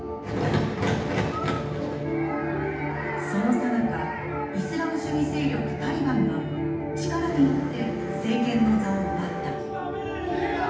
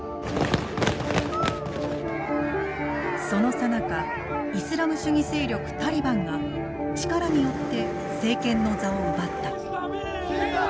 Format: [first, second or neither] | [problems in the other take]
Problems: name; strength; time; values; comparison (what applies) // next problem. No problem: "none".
second | room echo; dies away in 0.9 s